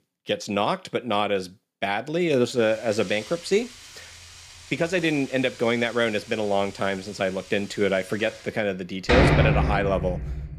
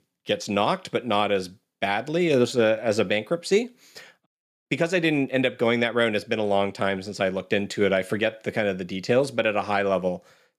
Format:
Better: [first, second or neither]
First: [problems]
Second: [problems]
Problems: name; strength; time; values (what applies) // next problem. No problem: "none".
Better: second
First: household noises; very loud; from 2.5 s on; as loud as the speech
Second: none